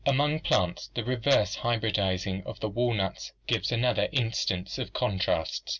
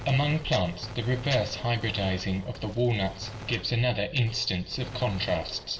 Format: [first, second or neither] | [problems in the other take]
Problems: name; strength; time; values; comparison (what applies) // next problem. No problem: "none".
first | background sound (Gunshot, gunfire); 13 dB below the speech // room echo; dies away in 1.2 s